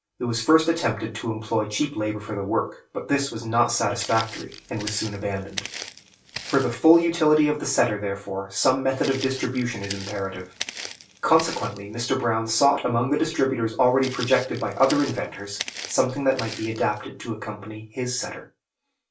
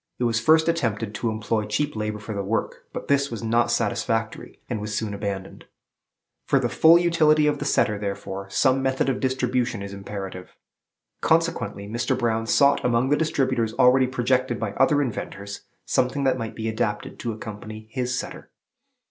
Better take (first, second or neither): second